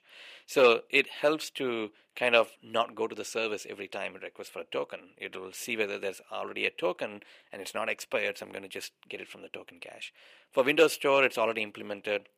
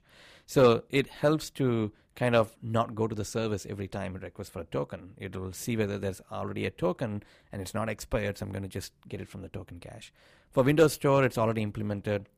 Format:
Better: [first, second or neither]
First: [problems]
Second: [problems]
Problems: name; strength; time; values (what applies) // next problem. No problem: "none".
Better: second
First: thin; somewhat; fading below 450 Hz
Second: none